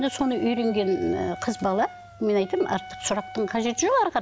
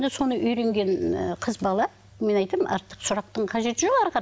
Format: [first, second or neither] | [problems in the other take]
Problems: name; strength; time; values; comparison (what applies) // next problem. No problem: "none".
second | background sound (Wind instrument, woodwind instrument); 16 dB below the speech